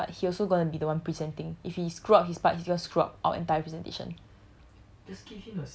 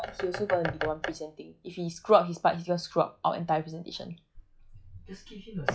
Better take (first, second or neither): first